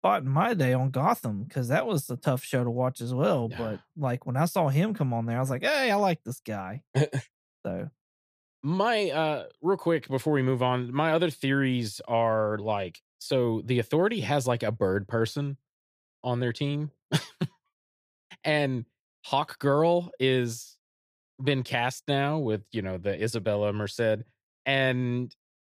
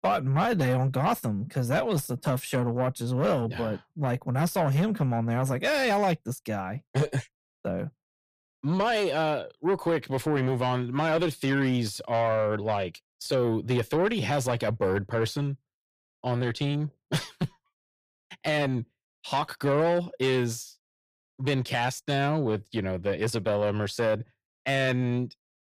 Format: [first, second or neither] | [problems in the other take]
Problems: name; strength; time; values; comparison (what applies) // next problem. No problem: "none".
first | distortion; slight; 10 dB below the speech